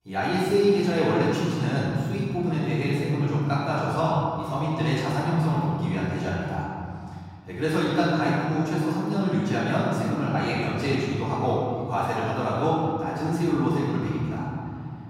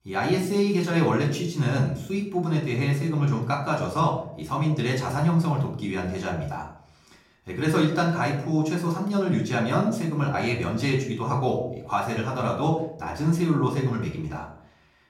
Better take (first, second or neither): second